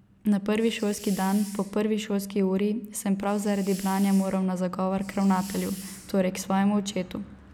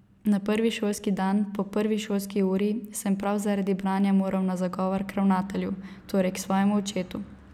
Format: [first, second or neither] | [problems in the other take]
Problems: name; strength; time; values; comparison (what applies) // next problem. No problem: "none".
second | background sound (Hiss); 19 dB below the speech